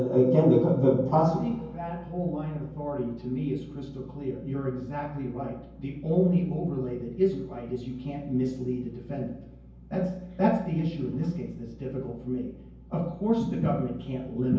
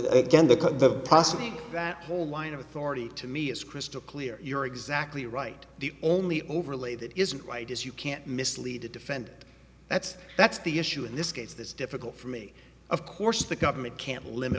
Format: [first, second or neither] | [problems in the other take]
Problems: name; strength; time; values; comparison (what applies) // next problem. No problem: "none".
second | room echo; dies away in 0.9 s